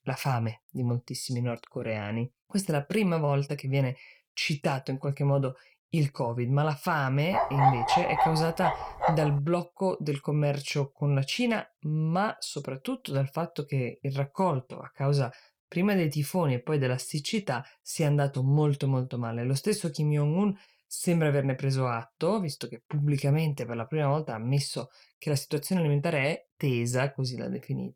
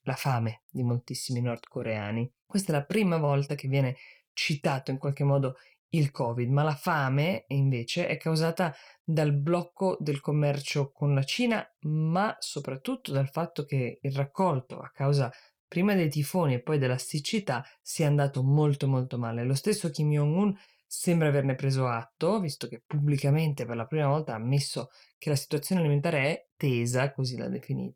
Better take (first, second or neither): second